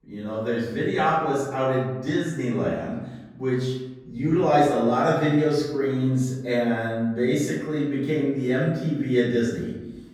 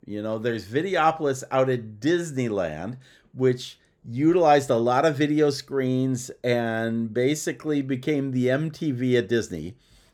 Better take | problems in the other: second | off-mic speech; far // room echo; noticeable; dies away in 0.9 s

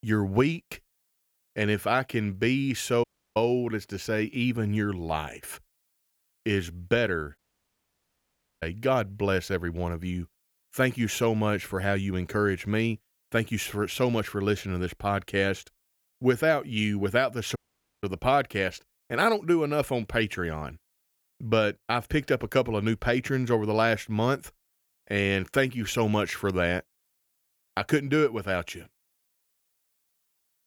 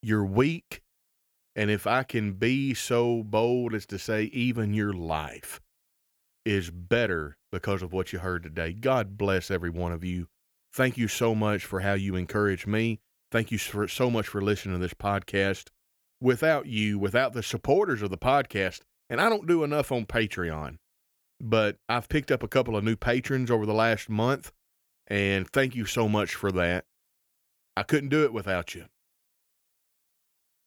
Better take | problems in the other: second | audio cutting out; at 3 s, at 7.5 s for 1 s and at 18 s

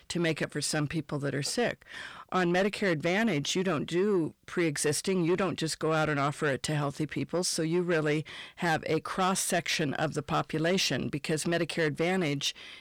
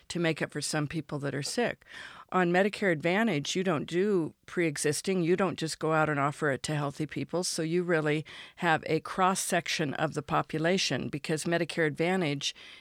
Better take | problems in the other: second | distortion; slight; 10 dB below the speech

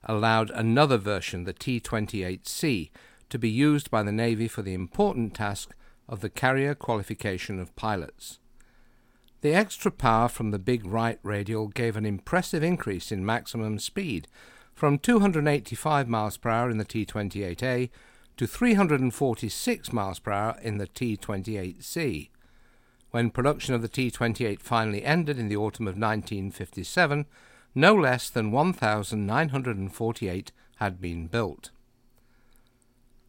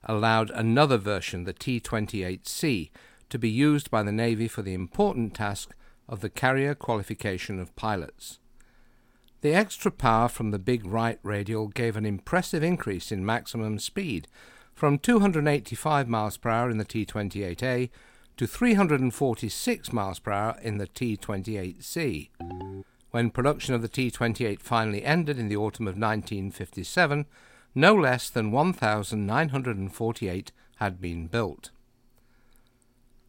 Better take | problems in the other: first | phone ringing; faint; at 22 s; peak 10 dB below the speech

